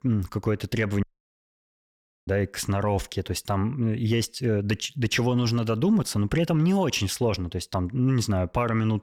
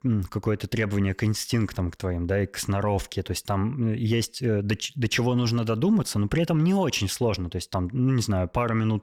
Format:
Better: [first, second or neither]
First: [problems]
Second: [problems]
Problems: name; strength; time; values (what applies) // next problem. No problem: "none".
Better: second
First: audio cutting out; at 1 s for 1 s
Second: none